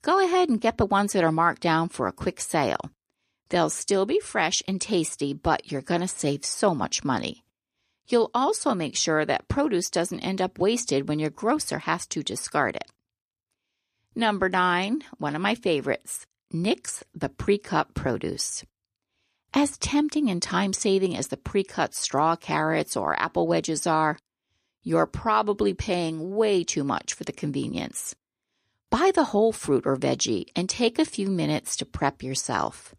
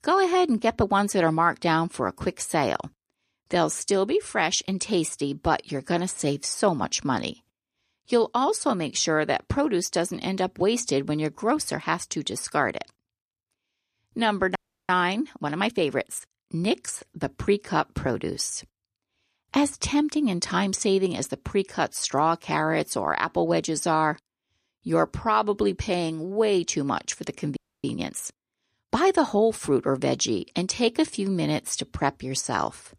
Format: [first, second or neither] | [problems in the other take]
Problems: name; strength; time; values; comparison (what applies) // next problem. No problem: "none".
first | audio freezing; at 15 s and at 28 s